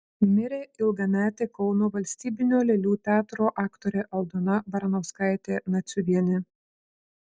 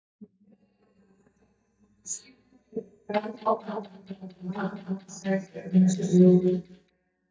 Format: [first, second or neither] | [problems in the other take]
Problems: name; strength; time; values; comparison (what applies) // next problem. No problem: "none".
first | noise reduction (neural mask model DeepFilterNet 3)